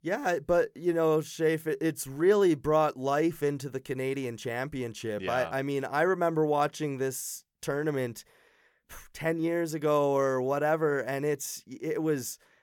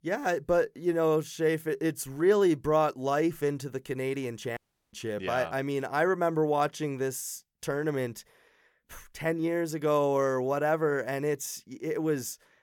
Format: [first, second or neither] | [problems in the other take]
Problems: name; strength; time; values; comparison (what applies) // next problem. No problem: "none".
first | audio cutting out; at 4.5 s